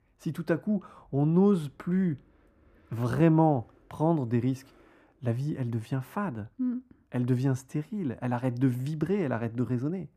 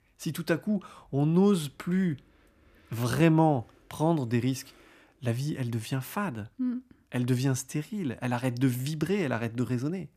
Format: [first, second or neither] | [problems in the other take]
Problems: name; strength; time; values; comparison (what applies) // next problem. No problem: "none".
second | muffled; slightly; fading above 2 kHz